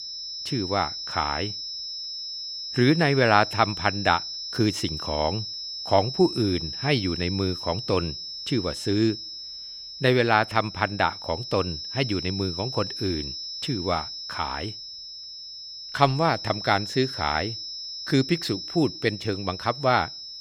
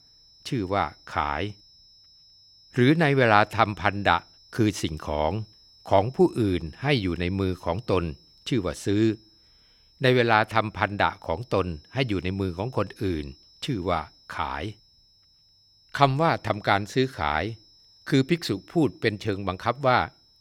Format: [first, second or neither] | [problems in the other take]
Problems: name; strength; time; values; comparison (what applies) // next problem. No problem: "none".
second | high-pitched whine; loud; throughout; 5 kHz, 7 dB below the speech; faint in the second